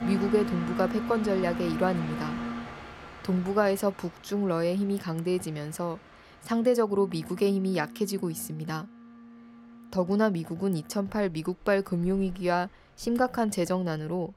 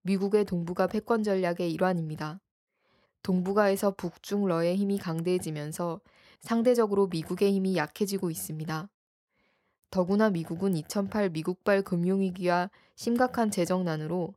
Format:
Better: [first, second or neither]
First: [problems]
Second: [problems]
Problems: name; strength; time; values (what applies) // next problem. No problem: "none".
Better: second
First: train or aircraft noise; loud; throughout; 8 dB below the speech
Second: none